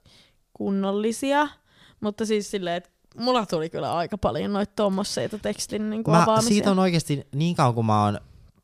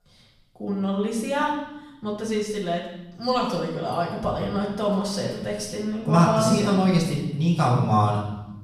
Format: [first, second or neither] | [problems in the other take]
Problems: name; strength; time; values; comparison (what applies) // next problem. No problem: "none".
first | off-mic speech; far // room echo; noticeable; dies away in 0.9 s